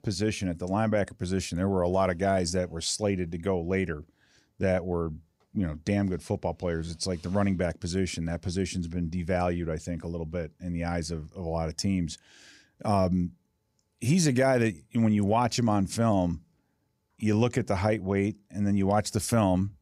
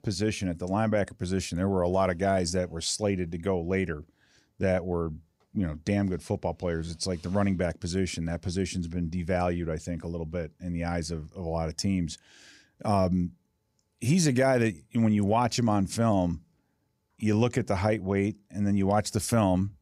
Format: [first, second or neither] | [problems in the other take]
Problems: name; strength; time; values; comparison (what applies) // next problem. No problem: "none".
neither | none